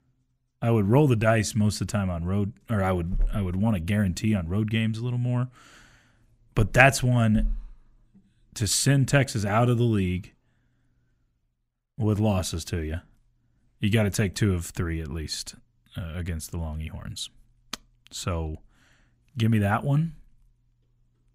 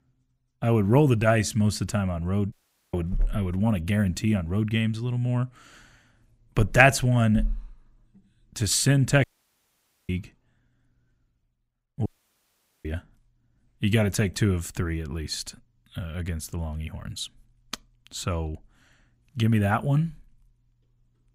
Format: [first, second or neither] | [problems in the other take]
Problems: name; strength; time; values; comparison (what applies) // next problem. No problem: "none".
first | audio cutting out; at 2.5 s, at 9 s for 1 s and at 12 s for 1 s